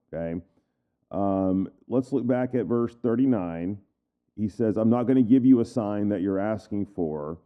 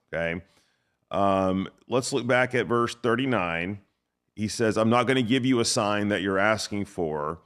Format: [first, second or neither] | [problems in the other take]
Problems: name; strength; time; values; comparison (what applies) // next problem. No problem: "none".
second | muffled; very; fading above 1 kHz